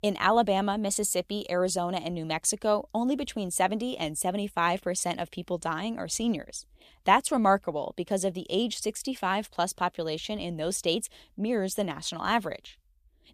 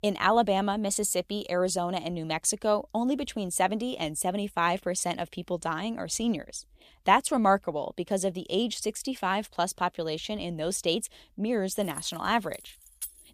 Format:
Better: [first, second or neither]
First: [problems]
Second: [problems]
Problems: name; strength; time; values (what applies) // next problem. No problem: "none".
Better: first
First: none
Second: jangling keys; faint; from 12 s on; peak 10 dB below the speech